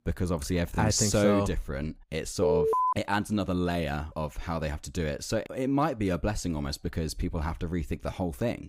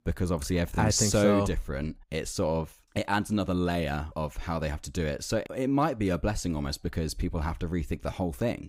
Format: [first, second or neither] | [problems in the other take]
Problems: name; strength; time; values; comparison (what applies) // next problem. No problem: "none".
second | alarm; loud; at 2.5 s; peak 4 dB above the speech